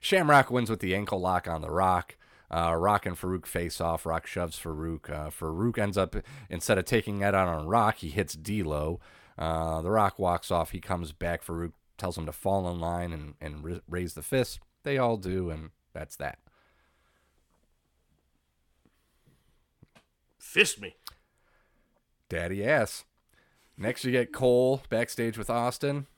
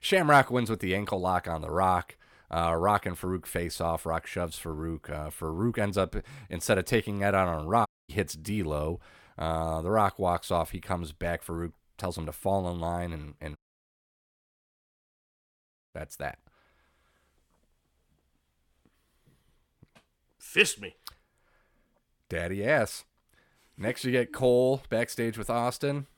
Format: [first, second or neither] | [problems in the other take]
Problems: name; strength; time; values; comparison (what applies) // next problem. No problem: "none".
first | audio cutting out; at 8 s and at 14 s for 2.5 s